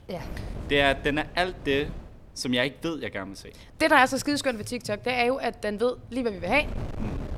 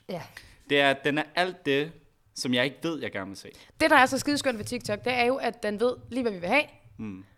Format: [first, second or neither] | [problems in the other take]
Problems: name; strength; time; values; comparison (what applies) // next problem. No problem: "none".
second | wind noise on the microphone; occasional gusts; 20 dB below the speech